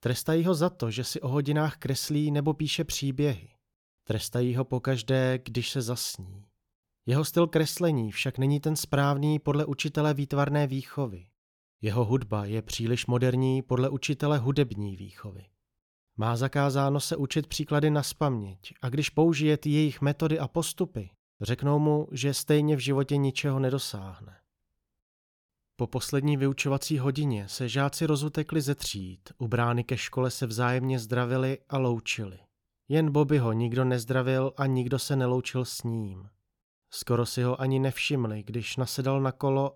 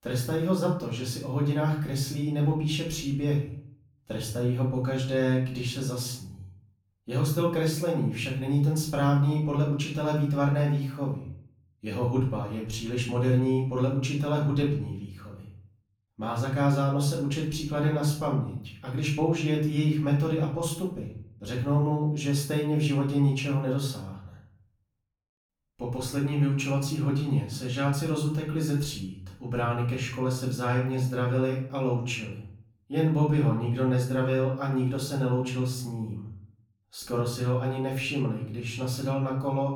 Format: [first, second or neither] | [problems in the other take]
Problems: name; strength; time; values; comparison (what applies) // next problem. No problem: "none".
first | off-mic speech; far // room echo; noticeable; dies away in 0.5 s